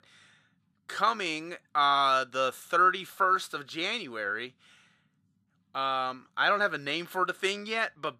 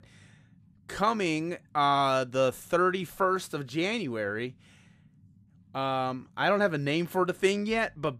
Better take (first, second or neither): second